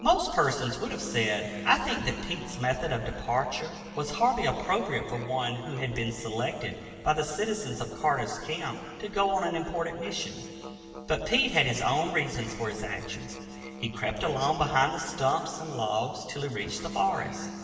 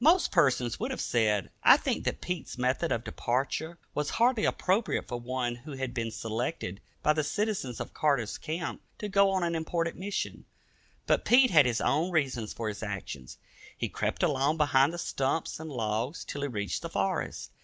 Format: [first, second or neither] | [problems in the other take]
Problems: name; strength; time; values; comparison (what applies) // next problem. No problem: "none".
second | background sound (Musical instrument); 14 dB below the speech // room echo; dies away in 2.3 s